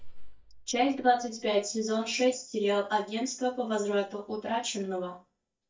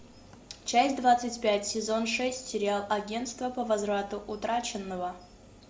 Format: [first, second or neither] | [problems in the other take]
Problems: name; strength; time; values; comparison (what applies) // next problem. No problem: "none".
second | noise reduction (neural mask model DeepFilterNet 3)